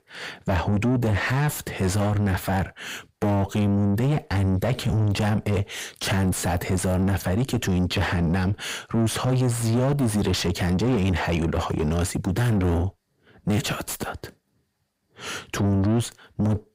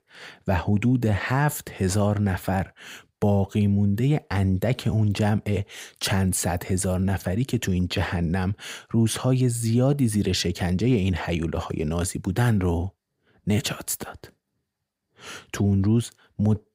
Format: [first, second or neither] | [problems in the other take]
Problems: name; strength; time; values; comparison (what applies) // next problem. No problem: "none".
second | distortion; heavy; 6 dB below the speech